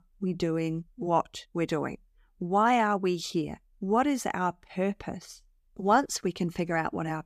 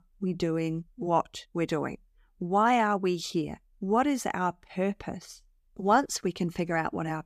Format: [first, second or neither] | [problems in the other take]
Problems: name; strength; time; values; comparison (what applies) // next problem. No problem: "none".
neither | none